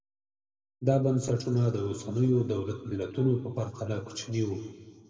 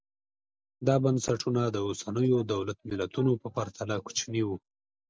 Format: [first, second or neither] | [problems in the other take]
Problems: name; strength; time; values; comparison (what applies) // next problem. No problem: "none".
second | room echo; dies away in 1.6 s